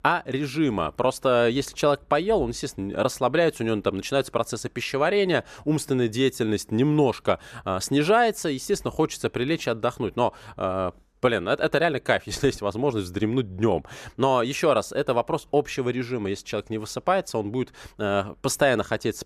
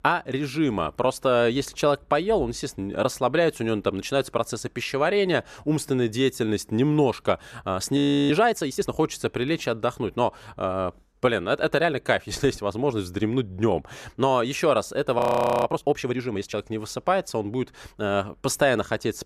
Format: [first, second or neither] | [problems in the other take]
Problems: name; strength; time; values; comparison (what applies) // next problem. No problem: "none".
first | audio freezing; at 8 s and at 15 s